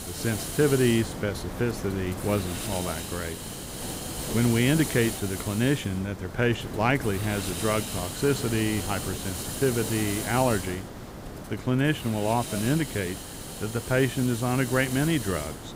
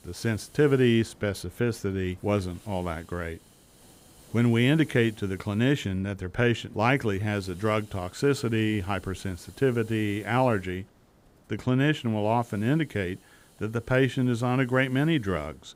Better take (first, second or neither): second